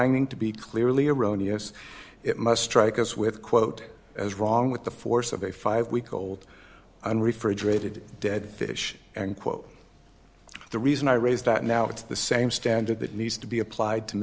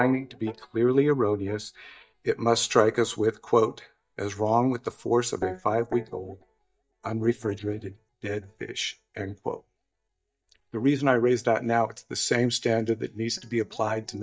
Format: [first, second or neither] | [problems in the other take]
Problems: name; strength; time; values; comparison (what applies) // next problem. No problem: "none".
first | noise reduction (neural mask model DeepFilterNet 3)